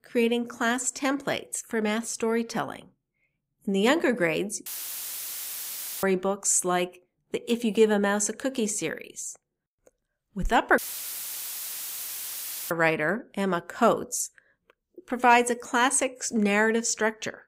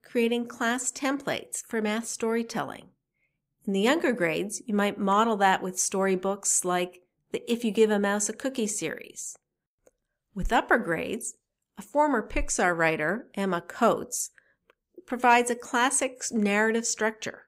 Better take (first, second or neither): second